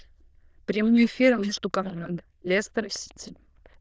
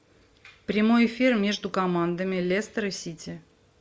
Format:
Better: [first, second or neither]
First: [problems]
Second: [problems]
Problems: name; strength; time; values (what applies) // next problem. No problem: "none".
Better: second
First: noise reduction (neural diffusion model UNIVERSE++)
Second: none